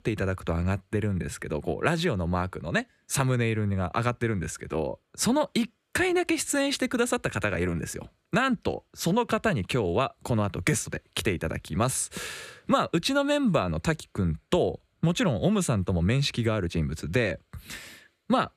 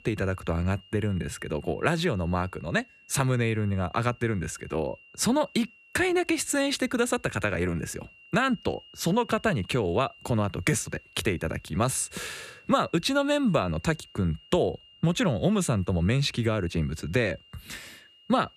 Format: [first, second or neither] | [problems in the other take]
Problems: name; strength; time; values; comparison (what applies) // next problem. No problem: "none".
first | high-pitched whine; faint; throughout; 3 kHz, 25 dB below the speech